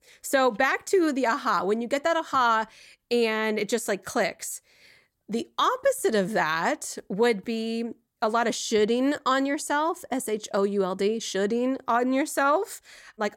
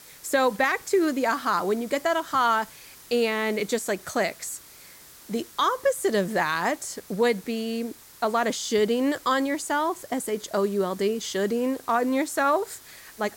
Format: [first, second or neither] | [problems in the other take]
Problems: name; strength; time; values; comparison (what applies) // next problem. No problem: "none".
first | hiss; faint; throughout; 20 dB below the speech